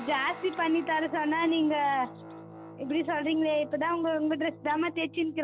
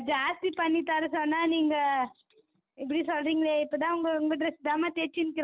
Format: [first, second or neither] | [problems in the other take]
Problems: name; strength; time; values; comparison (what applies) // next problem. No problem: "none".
second | background sound (Guitar); 16 dB below the speech